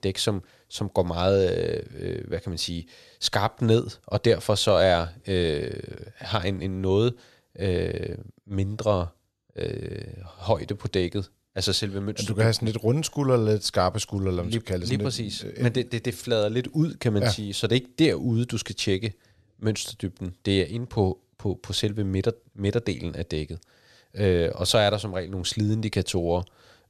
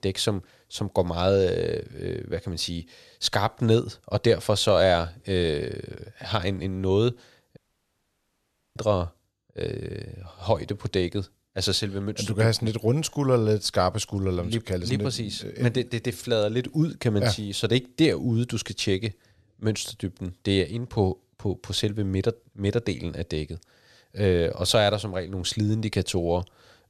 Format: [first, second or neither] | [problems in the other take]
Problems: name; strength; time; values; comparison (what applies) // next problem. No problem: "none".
first | audio cutting out; at 7.5 s for 1 s